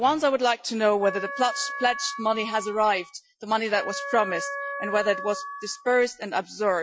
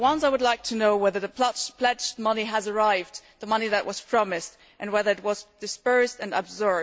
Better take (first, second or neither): second